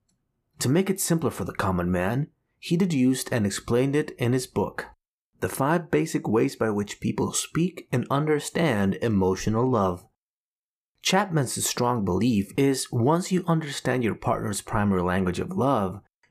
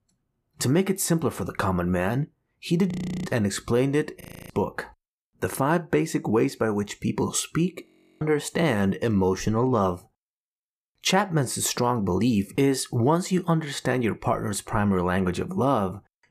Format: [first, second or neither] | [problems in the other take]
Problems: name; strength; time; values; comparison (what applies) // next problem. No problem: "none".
first | audio freezing; at 3 s, at 4 s and at 8 s